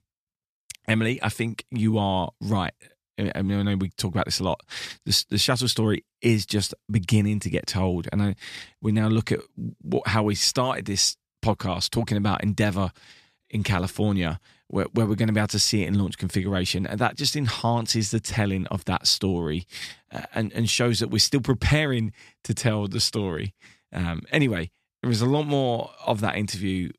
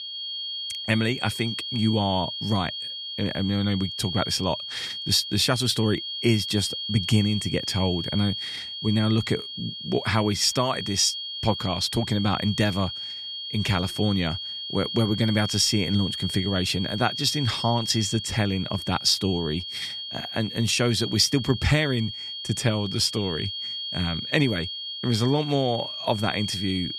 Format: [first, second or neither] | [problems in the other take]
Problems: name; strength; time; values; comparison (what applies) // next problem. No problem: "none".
first | high-pitched whine; loud; throughout; 3.5 kHz, 6 dB below the speech